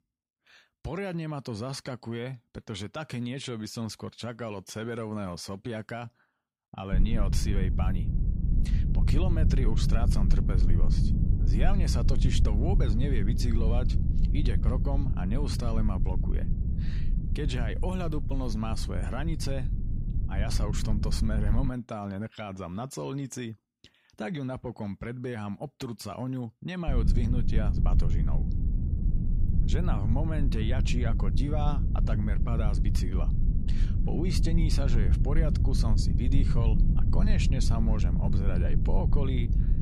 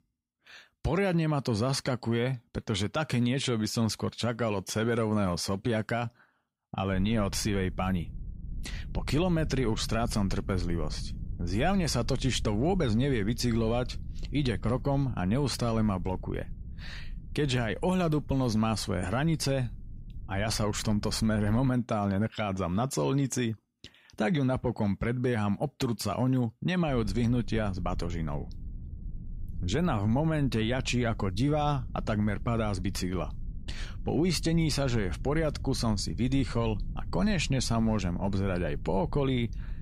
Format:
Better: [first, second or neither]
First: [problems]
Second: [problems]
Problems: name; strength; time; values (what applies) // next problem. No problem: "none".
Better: second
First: low rumble; loud; from 7 to 22 s and from 27 s on; 5 dB below the speech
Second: low rumble; faint; from 7 to 22 s and from 27 s on; 25 dB below the speech